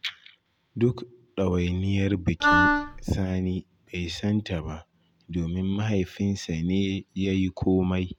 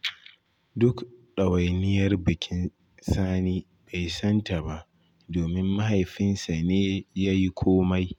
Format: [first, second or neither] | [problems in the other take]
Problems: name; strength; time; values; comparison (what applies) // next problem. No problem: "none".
second | background sound (Wind instrument, woodwind instrument); 4 dB above the speech